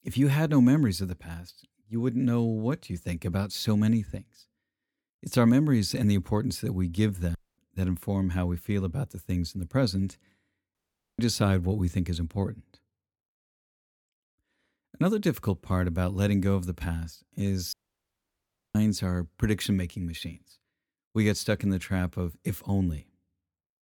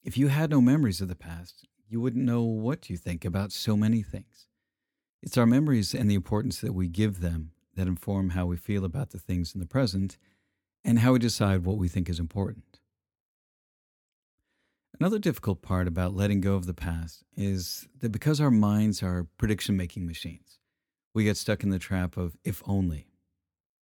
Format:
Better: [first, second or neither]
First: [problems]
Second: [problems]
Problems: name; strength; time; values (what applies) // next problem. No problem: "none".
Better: second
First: audio cutting out; at 7.5 s, at 11 s and at 18 s for 1 s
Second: none